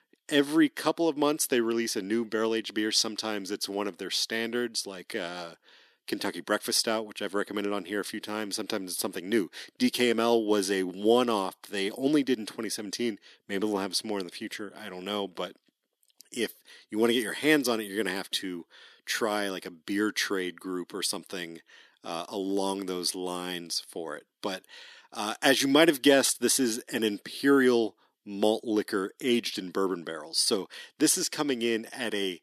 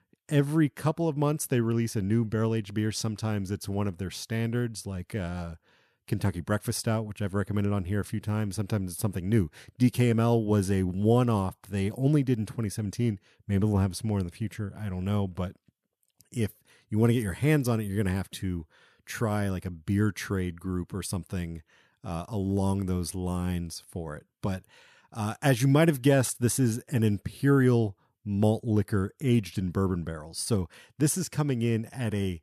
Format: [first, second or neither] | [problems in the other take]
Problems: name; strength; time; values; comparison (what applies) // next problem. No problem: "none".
second | thin; somewhat; fading below 300 Hz